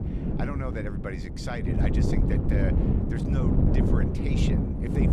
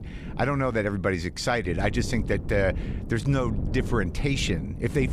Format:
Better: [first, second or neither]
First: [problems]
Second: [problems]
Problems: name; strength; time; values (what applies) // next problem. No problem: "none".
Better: second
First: wind noise on the microphone; heavy; 3 dB above the speech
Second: wind noise on the microphone; occasional gusts; 15 dB below the speech